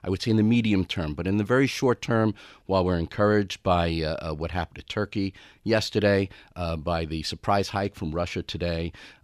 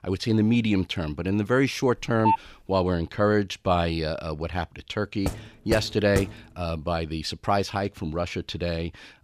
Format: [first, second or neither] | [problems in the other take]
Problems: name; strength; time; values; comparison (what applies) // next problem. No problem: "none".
first | phone ringing; loud; at 2 s; peak 1 dB above the speech // door banging; noticeable; from 5.5 to 6.5 s; peak 6 dB below the speech